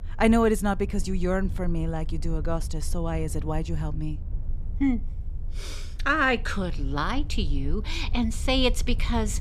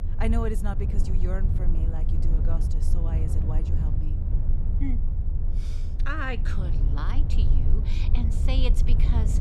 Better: first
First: low rumble; faint; throughout; 25 dB below the speech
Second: low rumble; loud; throughout; 5 dB below the speech

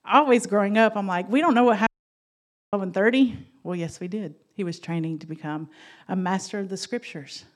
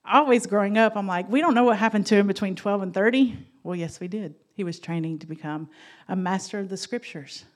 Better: second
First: audio cutting out; at 2 s for 1 s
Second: none

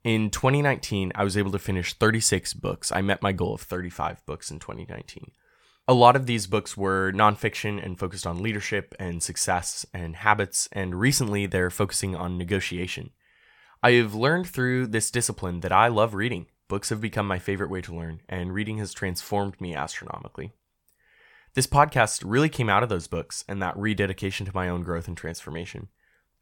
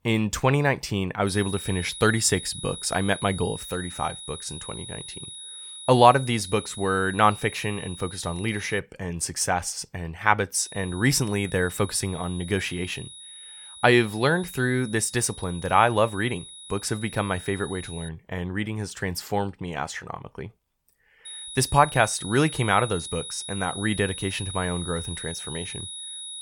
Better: first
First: none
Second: high-pitched whine; noticeable; from 1.5 to 9 s, from 11 to 18 s and from 21 s on; 4 kHz, 10 dB below the speech

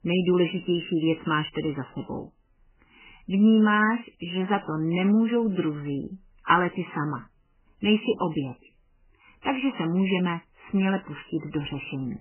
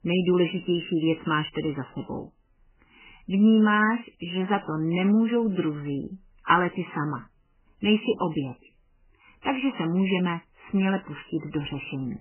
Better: neither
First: garbled, watery; badly; nothing above 3 kHz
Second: garbled, watery; badly; nothing above 3 kHz

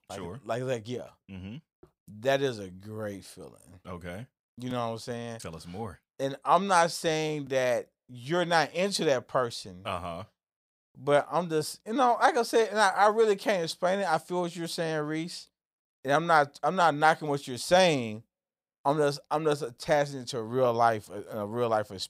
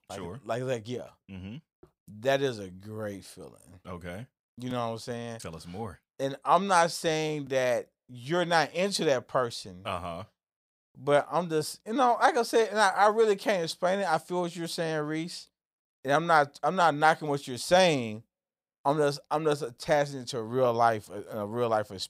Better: neither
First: none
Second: none

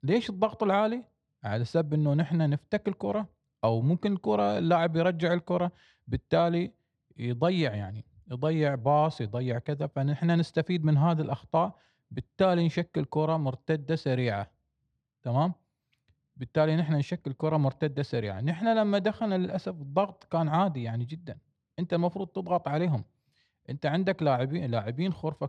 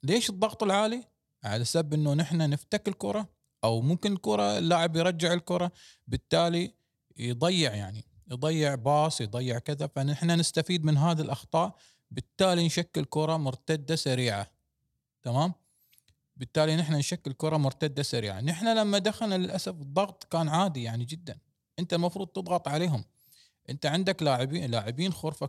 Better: second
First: muffled; slightly; fading above 2 kHz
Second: none

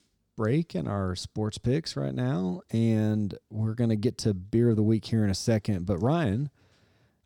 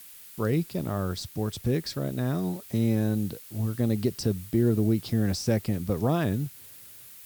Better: first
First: none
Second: hiss; noticeable; throughout; 15 dB below the speech

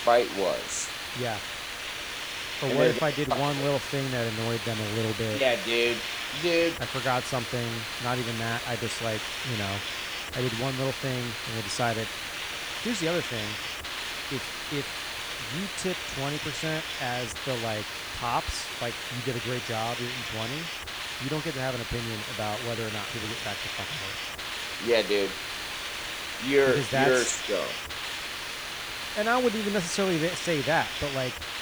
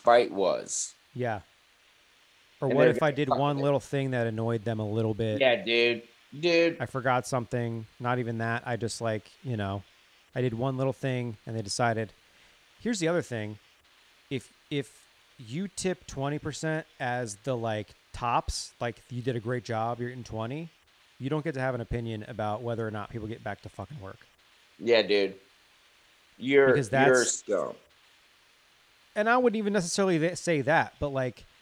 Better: second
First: hiss; loud; throughout; 3 dB below the speech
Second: hiss; faint; throughout; 30 dB below the speech

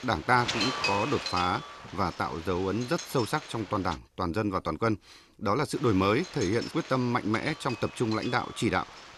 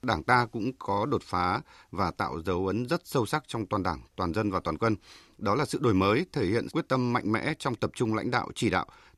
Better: second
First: wind noise on the microphone; heavy; until 4 s and from 5.5 s on; 7 dB below the speech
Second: none

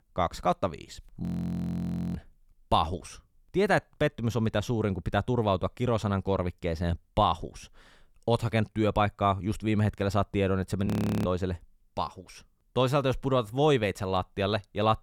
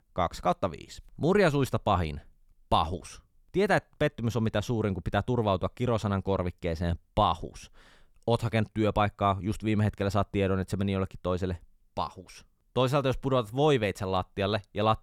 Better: second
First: audio freezing; at 1 s for 1 s and at 11 s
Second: none

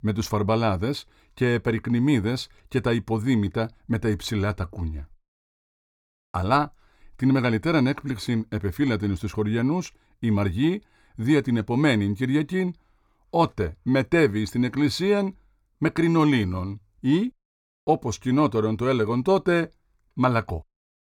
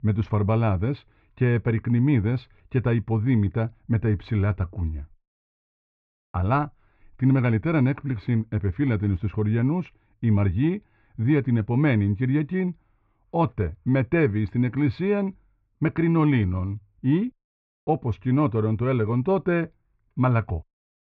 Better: first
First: none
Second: muffled; very; fading above 2.5 kHz

